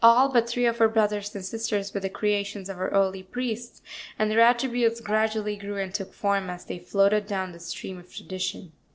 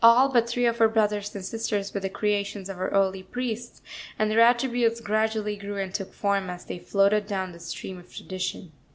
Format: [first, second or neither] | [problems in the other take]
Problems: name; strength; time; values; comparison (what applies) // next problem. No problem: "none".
second | noise reduction (neural separator model SepFormer DNS4)